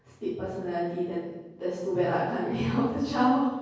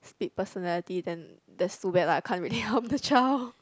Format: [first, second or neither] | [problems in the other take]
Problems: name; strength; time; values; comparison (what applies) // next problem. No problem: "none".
second | room echo; dies away in 1.3 s